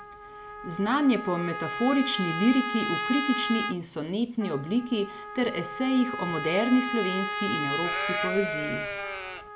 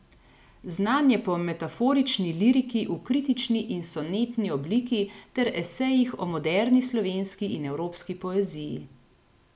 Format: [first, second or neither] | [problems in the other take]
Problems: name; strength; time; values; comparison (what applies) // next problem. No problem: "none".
second | background sound (Livestock, farm animals, working animals + Trumpet); 5 dB below the speech